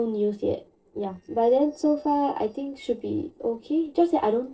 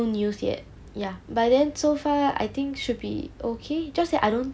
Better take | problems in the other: second | noise reduction (neural separator model SepFormer DNS4)

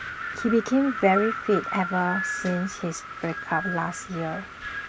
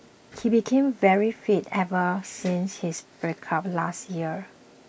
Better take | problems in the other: second | background sound (Wind); 7 dB below the speech

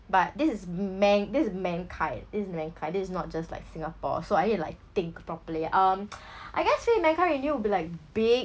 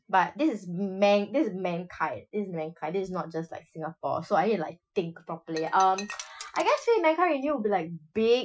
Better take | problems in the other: first | noise reduction (classical method Wiener filter)

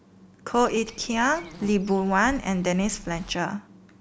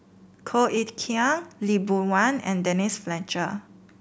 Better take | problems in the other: second | background sound (Walk, footsteps / Insect); 16 dB below the speech

